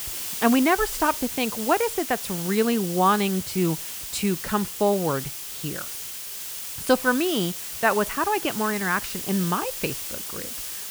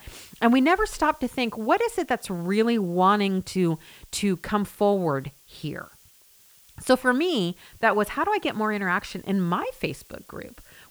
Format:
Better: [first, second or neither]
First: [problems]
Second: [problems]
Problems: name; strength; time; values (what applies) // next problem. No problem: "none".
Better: second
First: hiss; loud; throughout; 6 dB below the speech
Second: hiss; faint; throughout; 25 dB below the speech